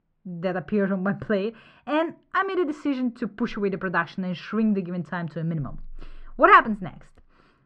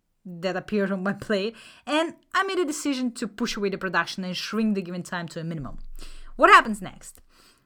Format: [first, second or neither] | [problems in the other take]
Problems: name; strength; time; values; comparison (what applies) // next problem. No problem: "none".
second | muffled; very; fading above 2 kHz